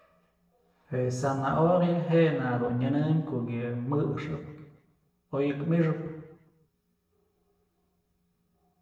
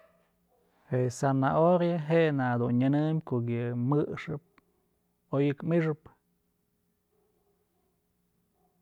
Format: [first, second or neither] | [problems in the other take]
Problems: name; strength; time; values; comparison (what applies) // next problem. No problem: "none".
second | room echo; dies away in 0.9 s